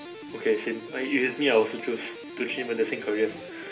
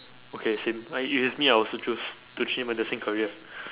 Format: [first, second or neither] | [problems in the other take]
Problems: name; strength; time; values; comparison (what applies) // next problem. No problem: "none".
second | background sound (Guitar); 13 dB below the speech // room echo; dies away in 0.3 s